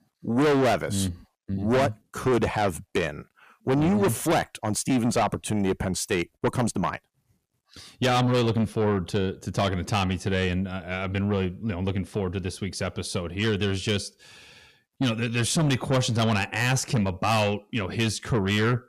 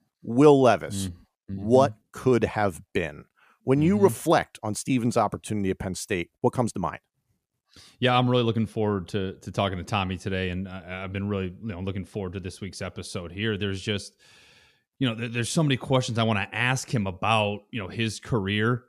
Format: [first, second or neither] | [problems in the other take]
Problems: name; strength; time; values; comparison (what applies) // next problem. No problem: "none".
second | distortion; heavy; 6 dB below the speech